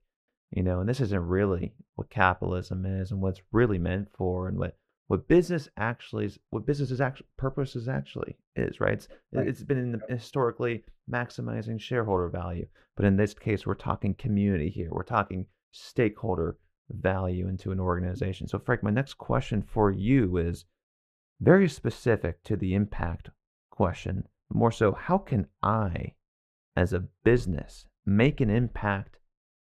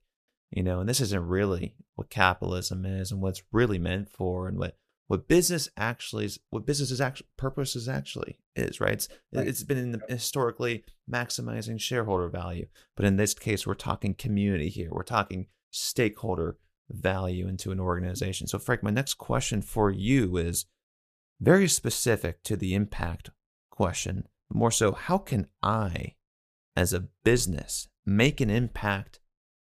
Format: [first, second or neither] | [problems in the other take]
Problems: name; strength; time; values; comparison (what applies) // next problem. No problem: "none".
second | muffled; very; fading above 4 kHz